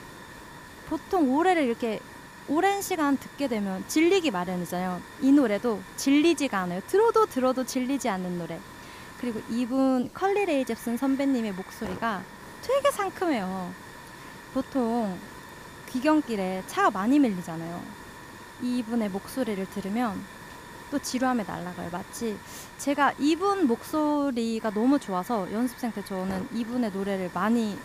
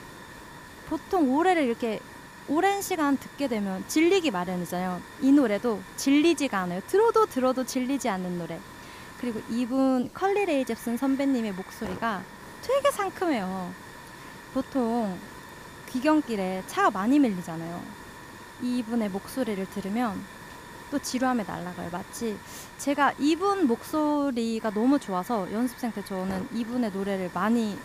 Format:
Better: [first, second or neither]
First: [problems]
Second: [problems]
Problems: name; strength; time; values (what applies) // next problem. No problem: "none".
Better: neither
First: hiss; noticeable; throughout; 15 dB below the speech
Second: hiss; noticeable; throughout; 15 dB below the speech